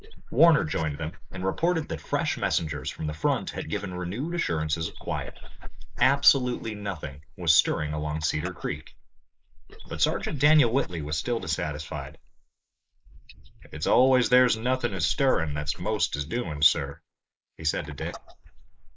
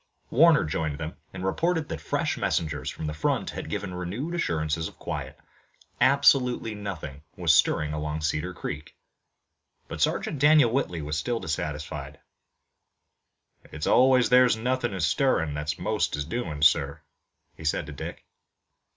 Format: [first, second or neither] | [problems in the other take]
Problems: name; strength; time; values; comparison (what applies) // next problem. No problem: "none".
second | noise reduction (neural mask model Resemble Enhance denoiser)